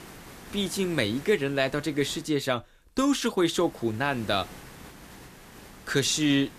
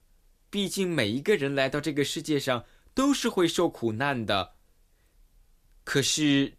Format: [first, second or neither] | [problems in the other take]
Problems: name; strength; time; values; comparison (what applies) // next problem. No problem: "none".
second | hiss; noticeable; until 2 s and from 3.5 s on; 20 dB below the speech